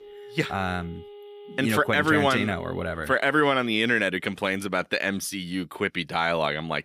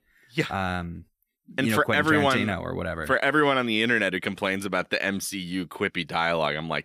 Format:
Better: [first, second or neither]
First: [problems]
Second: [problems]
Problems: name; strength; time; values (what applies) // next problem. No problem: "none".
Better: second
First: alarms or sirens; noticeable; until 3.5 s; 20 dB below the speech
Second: none